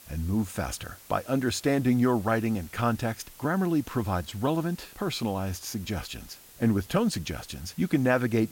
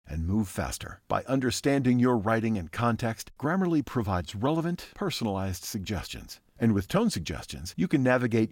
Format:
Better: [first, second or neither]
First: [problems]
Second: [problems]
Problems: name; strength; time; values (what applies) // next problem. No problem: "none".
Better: second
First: hiss; faint; throughout; 20 dB below the speech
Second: none